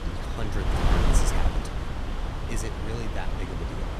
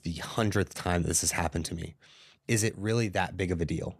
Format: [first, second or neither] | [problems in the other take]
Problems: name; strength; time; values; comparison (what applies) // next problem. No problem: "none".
second | wind noise on the microphone; heavy; 4 dB above the speech